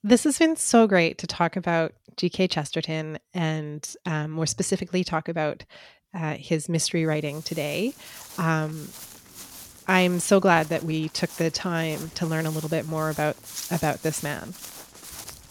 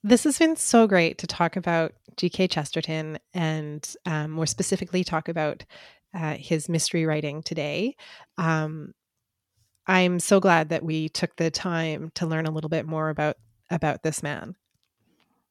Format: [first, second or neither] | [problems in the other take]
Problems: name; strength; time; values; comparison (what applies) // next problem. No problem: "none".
second | footsteps; noticeable; from 7.5 s on; peak 8 dB below the speech